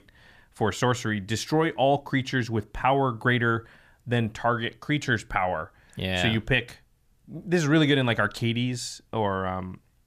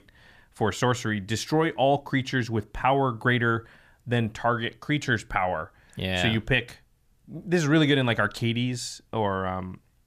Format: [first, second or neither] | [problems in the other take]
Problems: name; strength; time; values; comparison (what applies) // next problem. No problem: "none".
neither | none